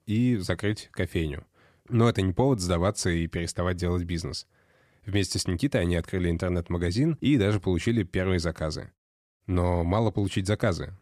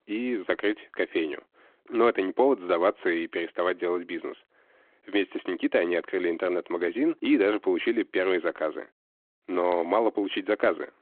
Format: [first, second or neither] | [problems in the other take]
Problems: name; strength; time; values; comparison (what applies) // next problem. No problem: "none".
first | phone-call audio